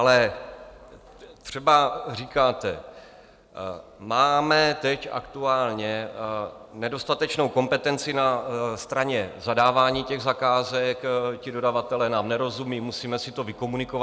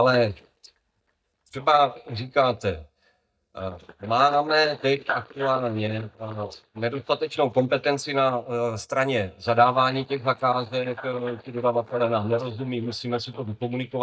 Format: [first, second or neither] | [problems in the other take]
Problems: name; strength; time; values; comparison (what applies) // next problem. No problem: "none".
first | noise reduction (neural mask model DeepFilterNet 3)